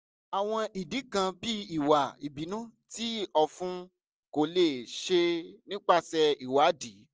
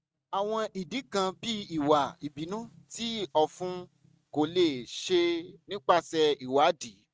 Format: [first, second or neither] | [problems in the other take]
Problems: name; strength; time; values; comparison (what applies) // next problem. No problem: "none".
first | noise reduction (neural mask model RNNoise)